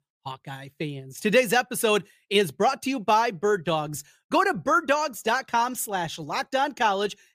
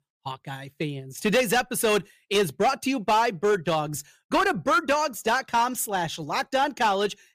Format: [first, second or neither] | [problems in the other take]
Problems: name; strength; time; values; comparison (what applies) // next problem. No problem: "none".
first | distortion; slight; 6% of the sound clipped